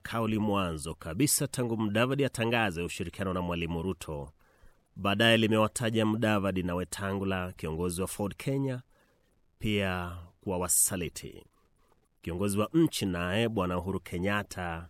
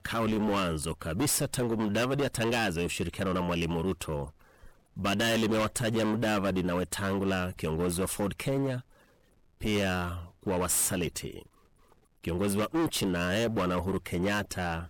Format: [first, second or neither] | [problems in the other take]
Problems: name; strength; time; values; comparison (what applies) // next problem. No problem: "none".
first | distortion; heavy; 20% of the sound clipped